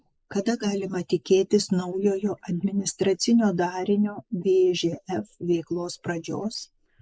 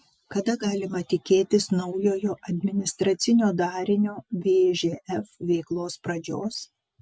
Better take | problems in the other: second | noise reduction (neural mask model Resemble Enhance denoiser)

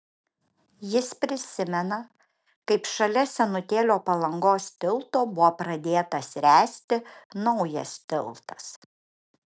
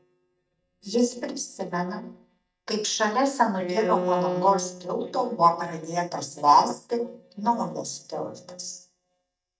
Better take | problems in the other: first | noise reduction (neural mask model DeepFilterNet 3)

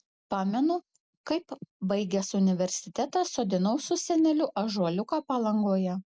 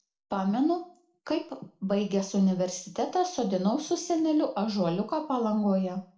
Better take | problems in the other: first | room echo; dies away in 0.4 s

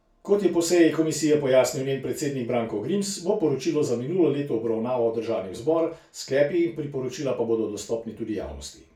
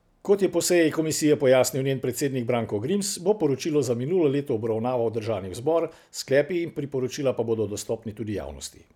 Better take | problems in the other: second | room echo; dies away in 0.3 s

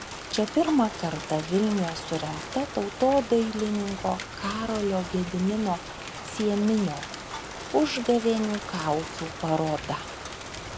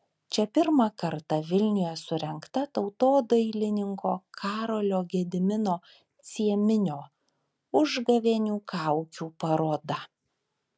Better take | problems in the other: second | background sound (Rain); 10 dB below the speech

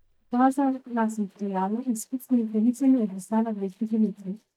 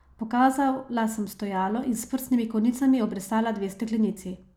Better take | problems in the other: second | noise reduction (neural mask model DeepFilterNet 3)

